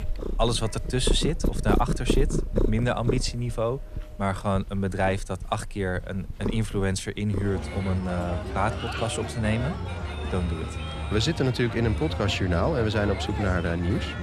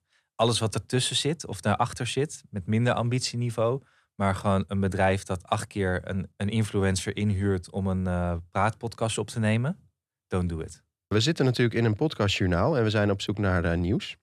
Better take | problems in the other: second | animal sounds; loud; throughout; 4 dB below the speech

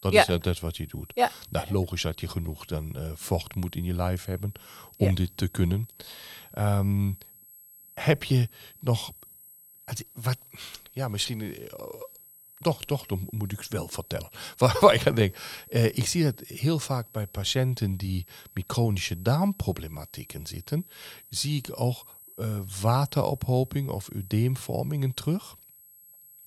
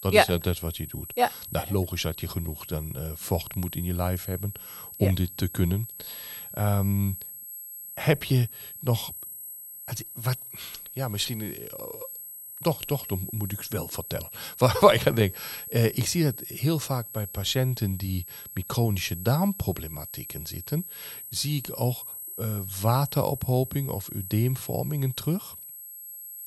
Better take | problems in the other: first | high-pitched whine; loud; throughout; 11.5 kHz, 10 dB below the speech; faint in the first

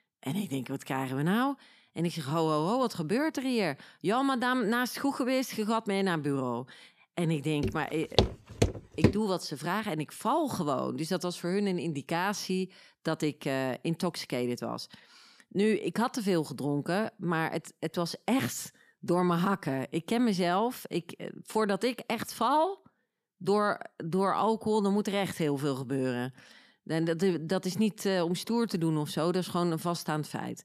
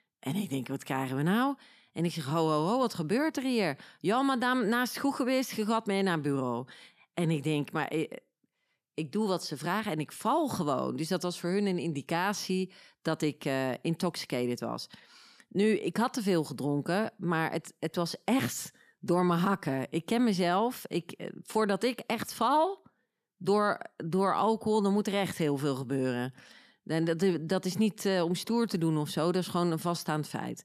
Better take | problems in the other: second | footsteps; loud; from 7.5 to 9 s; peak 2 dB above the speech

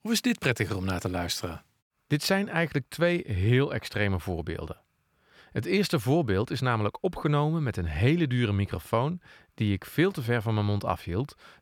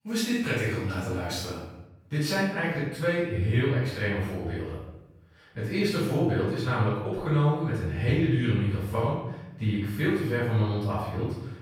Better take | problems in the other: first | room echo; strong; dies away in 0.8 s // off-mic speech; far

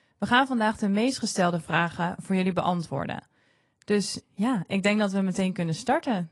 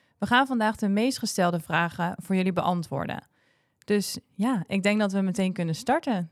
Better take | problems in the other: second | garbled, watery; slightly; nothing above 10.5 kHz

